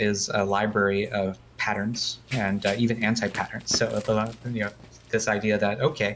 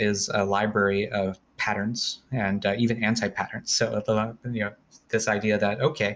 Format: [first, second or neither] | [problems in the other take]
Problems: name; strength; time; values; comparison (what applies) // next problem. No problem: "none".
second | background sound (Run); 18 dB below the speech